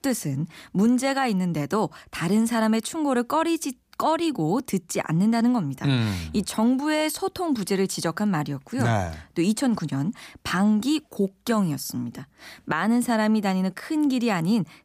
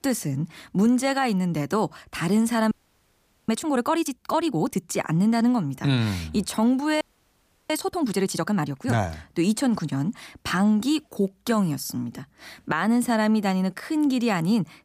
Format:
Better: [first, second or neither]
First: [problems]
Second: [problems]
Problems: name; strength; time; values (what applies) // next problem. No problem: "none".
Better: first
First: none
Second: audio freezing; at 2.5 s for 1 s and at 7 s for 0.5 s